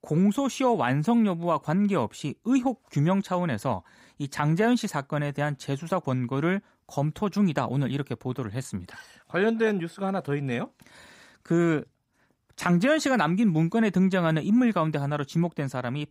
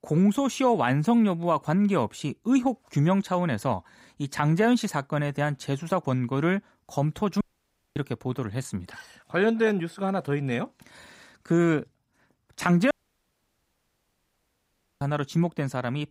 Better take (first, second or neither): first